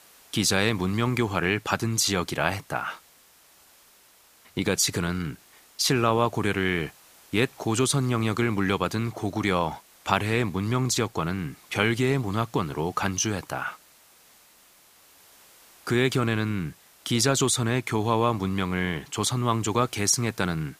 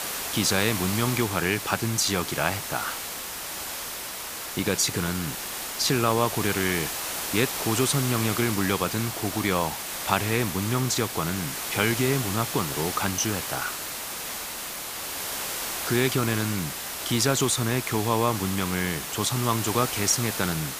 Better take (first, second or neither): first